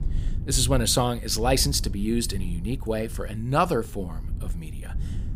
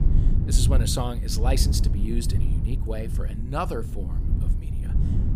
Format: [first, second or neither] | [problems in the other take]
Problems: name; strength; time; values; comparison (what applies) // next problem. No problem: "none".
first | low rumble; loud; throughout; 9 dB below the speech; faint in the first